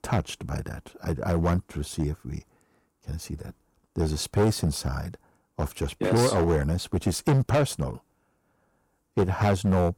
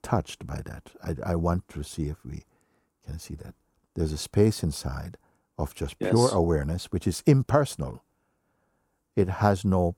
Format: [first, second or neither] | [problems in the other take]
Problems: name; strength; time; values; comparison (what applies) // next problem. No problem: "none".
second | distortion; heavy; 6% of the sound clipped